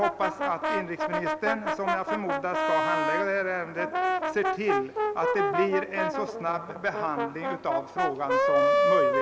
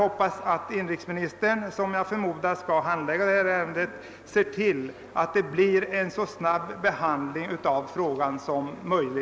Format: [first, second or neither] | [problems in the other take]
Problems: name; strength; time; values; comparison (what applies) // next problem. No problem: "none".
second | background sound (Brass instrument); 3 dB above the speech